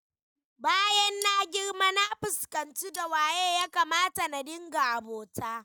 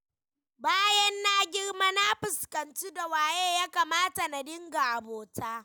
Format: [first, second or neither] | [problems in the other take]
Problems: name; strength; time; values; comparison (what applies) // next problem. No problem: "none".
second | noise reduction (neural mask model RNNoise)